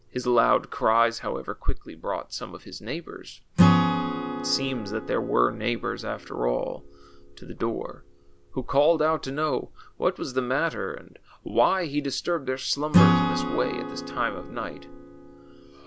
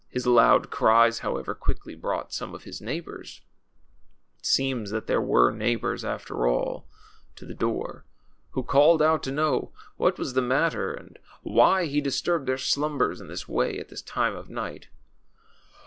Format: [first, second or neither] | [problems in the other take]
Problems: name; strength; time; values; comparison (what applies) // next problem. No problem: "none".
second | background sound (Acoustic guitar / Strum); 3 dB below the speech